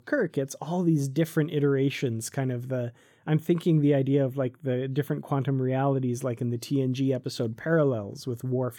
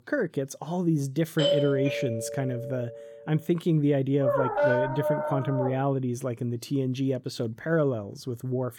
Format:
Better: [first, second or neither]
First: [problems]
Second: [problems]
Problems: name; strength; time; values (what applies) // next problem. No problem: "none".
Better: first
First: none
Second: doorbell; loud; from 1.5 to 3 s; peak 3 dB above the speech // dog barking; loud; from 4 to 5.5 s; peak 4 dB above the speech